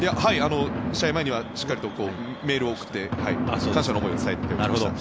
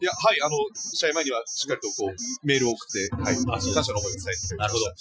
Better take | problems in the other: first | noise reduction (classical method Wiener filter)

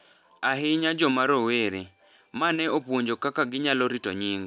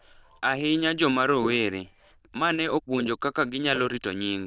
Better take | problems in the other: first | noise reduction (neural diffusion model UNIVERSE++)

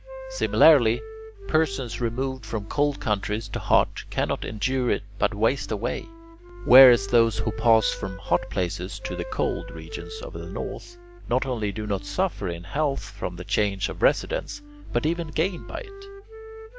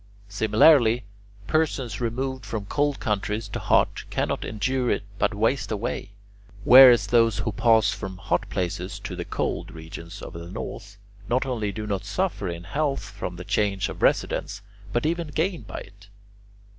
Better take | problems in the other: second | background sound (Wind instrument, woodwind instrument); 18 dB below the speech

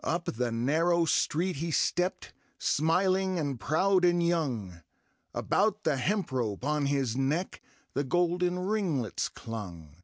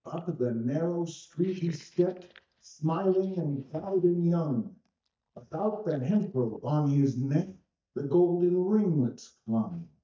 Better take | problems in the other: first | noise reduction (neural mask model DeepFilterNet 3)

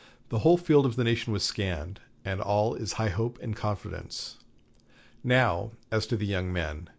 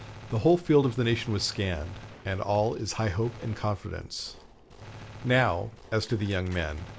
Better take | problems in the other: first | background sound (Gunshot, gunfire); 18 dB below the speech

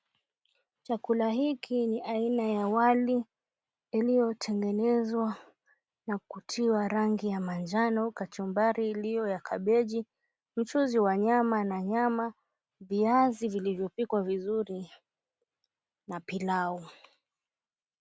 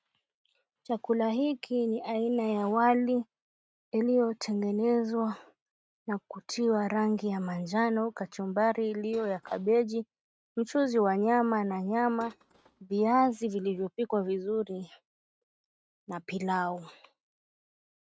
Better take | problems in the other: first | noise reduction (neural mask model RNNoise)

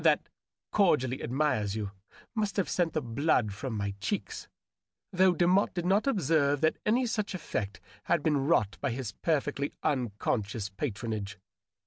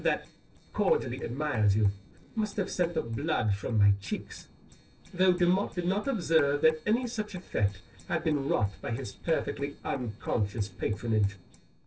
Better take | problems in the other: first | noise reduction (neural separator model SepFormer DNS4)

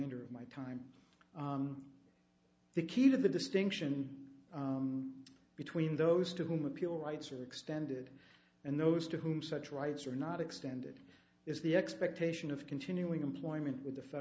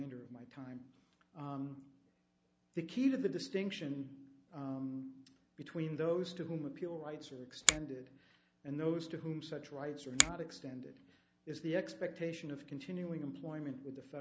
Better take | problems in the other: first | background sound (Finger snapping); 4 dB above the speech

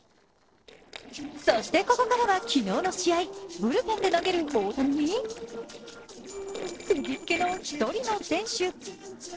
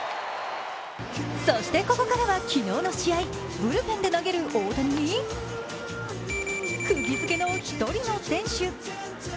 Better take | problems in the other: second | noise reduction (neural separator model SepFormer DNS4)

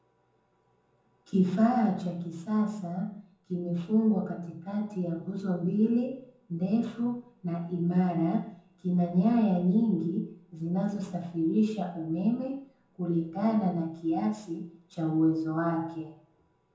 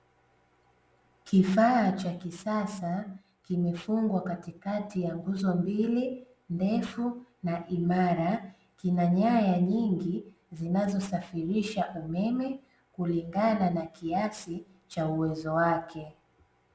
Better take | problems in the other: second | room echo; dies away in 0.6 s

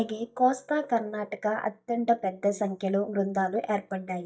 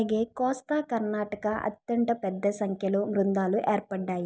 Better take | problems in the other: second | noise reduction (neural mask model DeepFilterNet 3)

